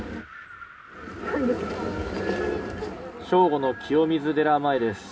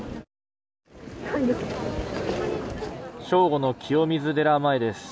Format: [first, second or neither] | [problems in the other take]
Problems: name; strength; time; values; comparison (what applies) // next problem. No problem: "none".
second | background sound (Wind); 17 dB below the speech // room echo; dies away in 0.3 s